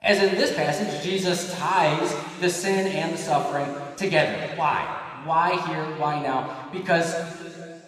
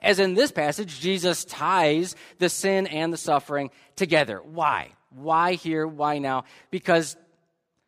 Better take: second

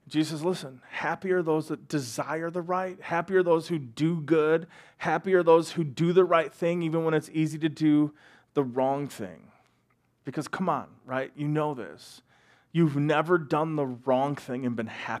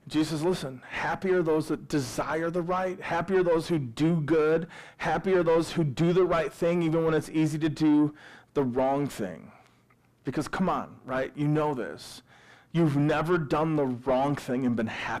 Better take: first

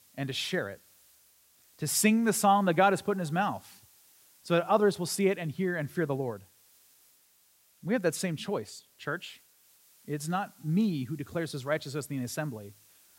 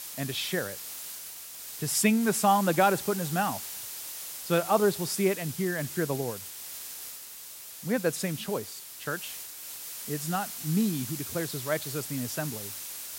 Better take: first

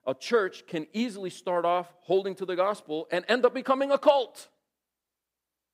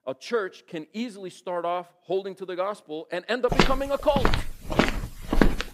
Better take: first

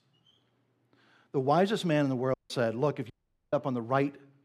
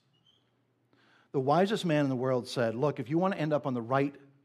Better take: second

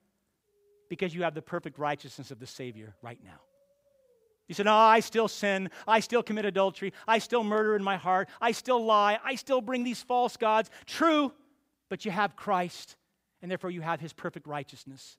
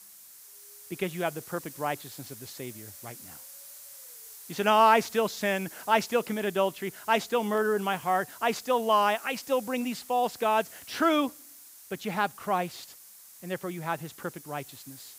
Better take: first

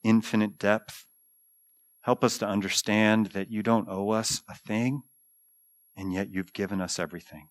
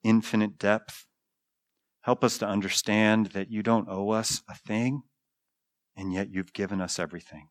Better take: second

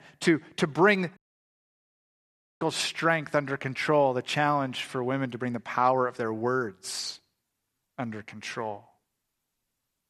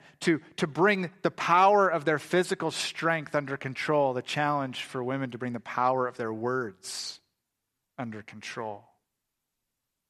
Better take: second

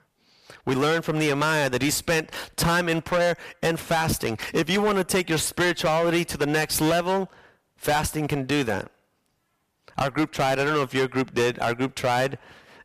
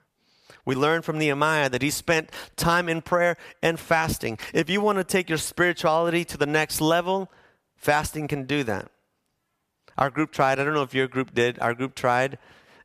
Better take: second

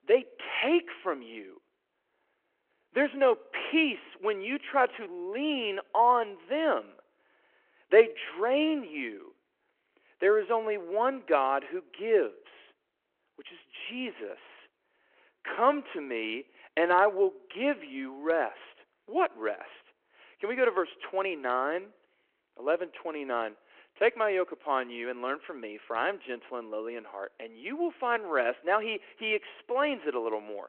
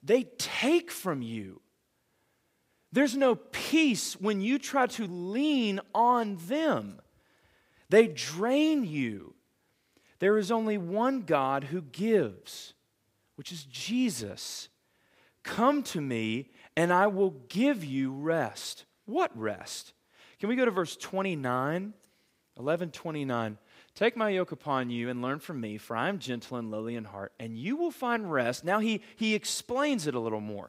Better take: second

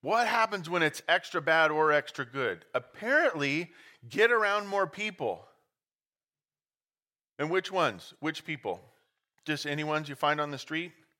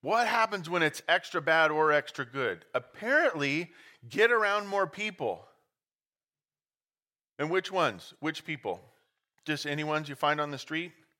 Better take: neither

